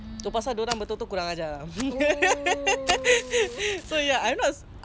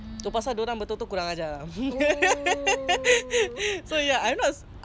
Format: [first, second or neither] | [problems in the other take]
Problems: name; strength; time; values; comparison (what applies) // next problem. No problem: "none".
second | background sound (Fire); 16 dB below the speech